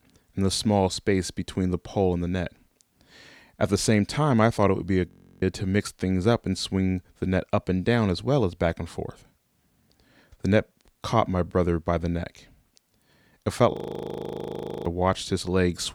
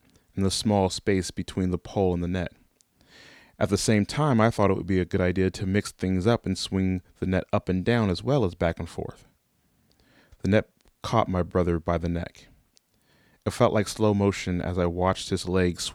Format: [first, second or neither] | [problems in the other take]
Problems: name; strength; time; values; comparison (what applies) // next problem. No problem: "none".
second | audio freezing; at 5 s and at 14 s for 1 s